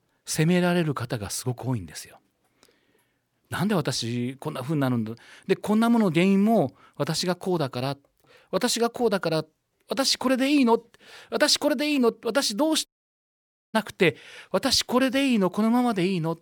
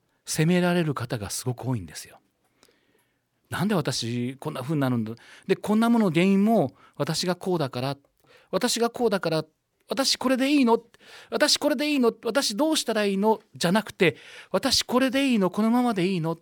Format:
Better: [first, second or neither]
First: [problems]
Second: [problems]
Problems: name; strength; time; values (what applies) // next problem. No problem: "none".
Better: second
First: audio cutting out; at 13 s for 1 s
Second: none